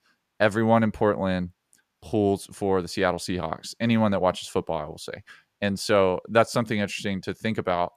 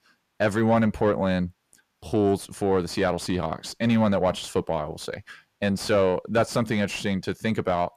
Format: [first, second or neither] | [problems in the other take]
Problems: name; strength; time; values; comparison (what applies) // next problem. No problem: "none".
first | distortion; slight; 10 dB below the speech